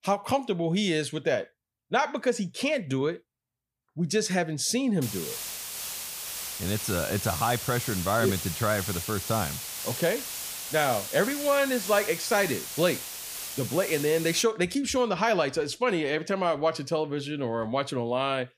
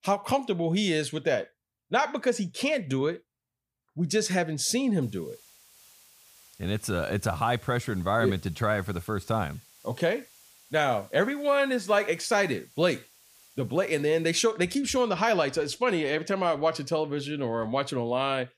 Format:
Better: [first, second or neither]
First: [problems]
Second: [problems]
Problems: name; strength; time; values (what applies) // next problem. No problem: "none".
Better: second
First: hiss; loud; from 5 to 14 s; 6 dB below the speech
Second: hiss; faint; from 5 to 14 s; 25 dB below the speech